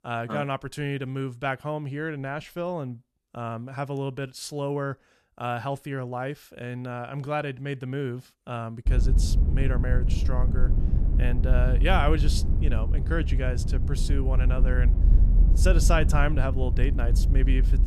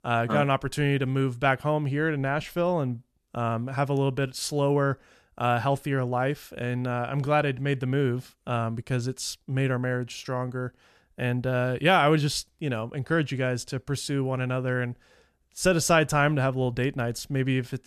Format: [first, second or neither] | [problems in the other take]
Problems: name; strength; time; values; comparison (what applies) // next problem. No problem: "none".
second | low rumble; loud; from 9 s on; 10 dB below the speech